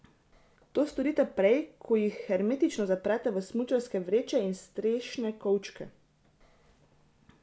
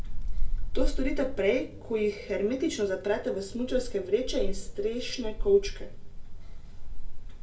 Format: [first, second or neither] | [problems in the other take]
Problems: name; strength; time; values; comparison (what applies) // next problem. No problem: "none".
first | background sound (Wind); 1 dB above the speech // room echo; dies away in 0.2 s